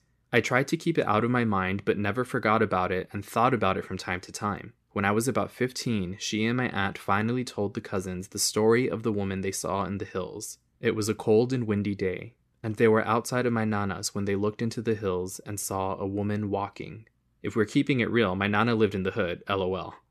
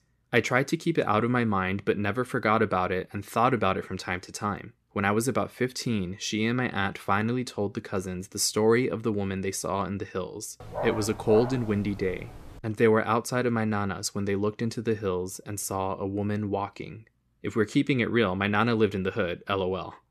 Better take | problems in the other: first | dog barking; noticeable; from 11 to 13 s; peak 6 dB below the speech

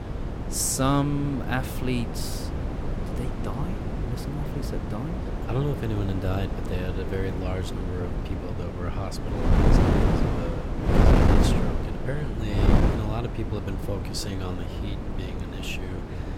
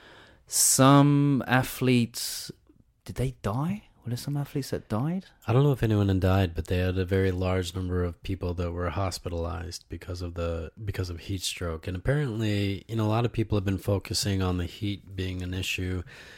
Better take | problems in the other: second | wind noise on the microphone; heavy; 1 dB above the speech

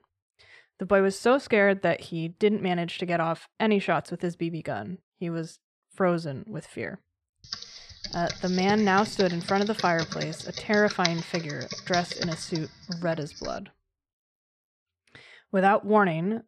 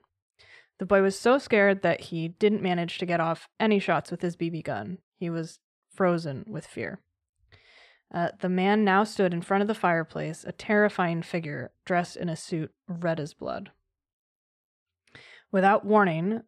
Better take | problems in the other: second | keyboard typing; noticeable; from 7.5 to 13 s; peak 3 dB below the speech

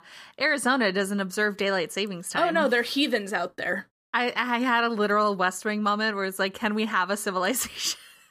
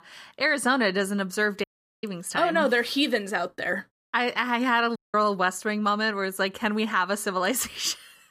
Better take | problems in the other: first | audio cutting out; at 1.5 s and at 5 s

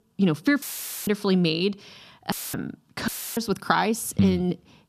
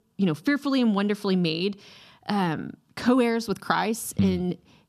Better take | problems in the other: second | audio cutting out; filled with static; at 0.5 s, at 2.5 s and at 3 s

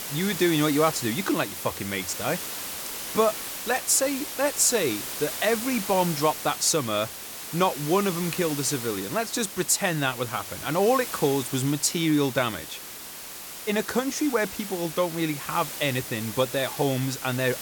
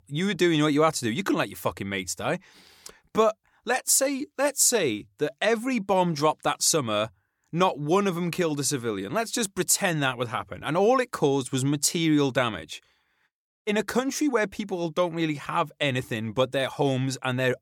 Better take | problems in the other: second | hiss; loud; throughout; 8 dB below the speech

